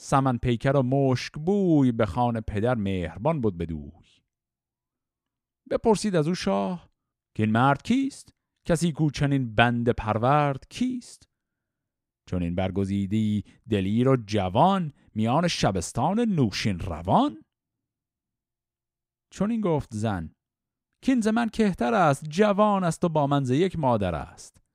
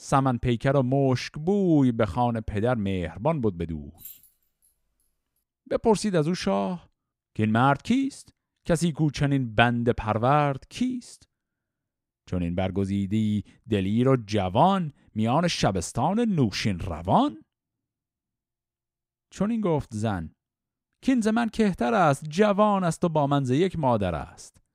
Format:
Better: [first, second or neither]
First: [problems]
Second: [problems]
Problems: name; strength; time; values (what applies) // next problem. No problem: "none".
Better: first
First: none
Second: jangling keys; faint; at 4 s; peak 20 dB below the speech